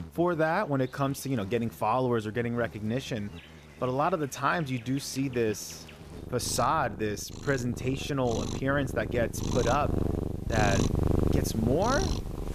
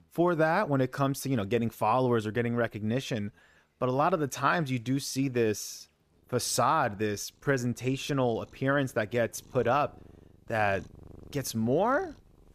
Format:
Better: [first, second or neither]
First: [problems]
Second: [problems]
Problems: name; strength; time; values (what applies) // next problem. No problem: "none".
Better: second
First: animal sounds; loud; throughout; 3 dB below the speech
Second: animal sounds; faint; throughout; 25 dB below the speech